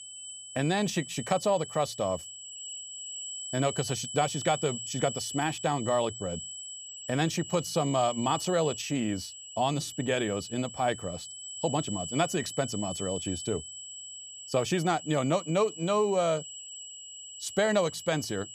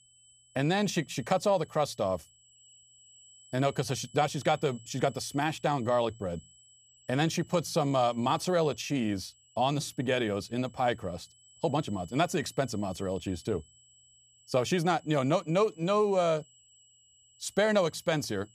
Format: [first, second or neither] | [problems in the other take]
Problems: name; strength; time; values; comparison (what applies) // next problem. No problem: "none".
second | high-pitched whine; loud; throughout; 3 kHz, 9 dB below the speech; faint in the second